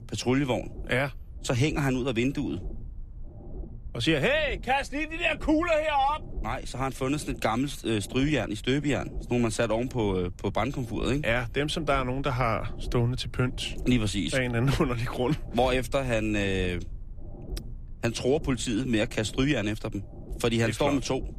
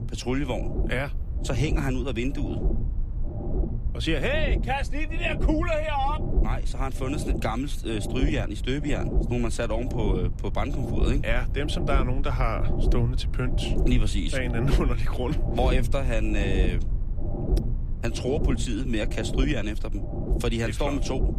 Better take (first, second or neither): first